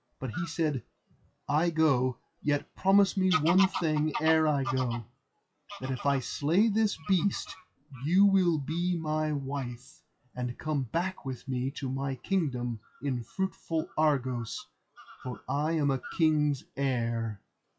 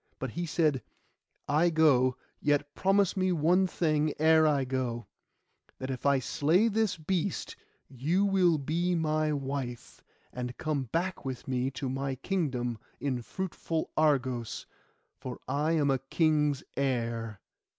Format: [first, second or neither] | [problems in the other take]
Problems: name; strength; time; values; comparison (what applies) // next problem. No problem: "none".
second | noise reduction (classical method WPE with log-MMSE)